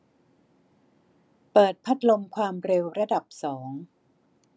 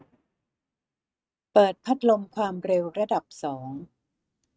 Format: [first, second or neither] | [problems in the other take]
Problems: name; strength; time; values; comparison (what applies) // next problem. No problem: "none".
first | noise reduction (neural mask model RNNoise)